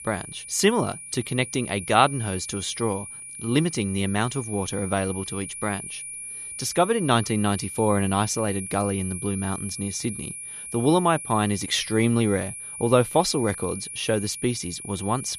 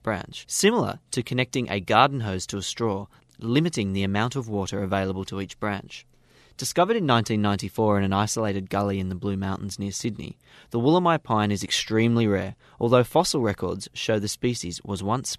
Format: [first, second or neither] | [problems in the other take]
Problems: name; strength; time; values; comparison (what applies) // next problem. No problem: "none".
second | high-pitched whine; loud; throughout; 9.5 kHz, 9 dB below the speech